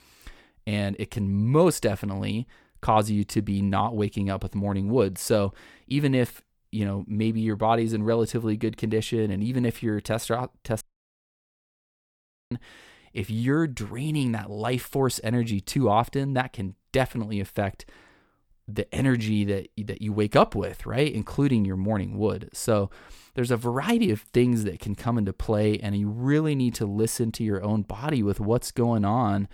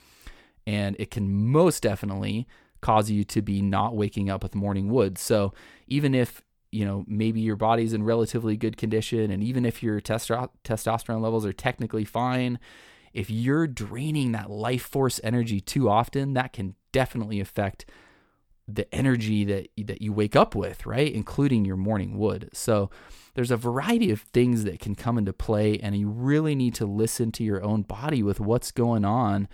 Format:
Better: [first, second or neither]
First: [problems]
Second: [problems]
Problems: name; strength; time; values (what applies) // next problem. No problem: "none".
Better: second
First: audio cutting out; at 11 s for 1.5 s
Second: none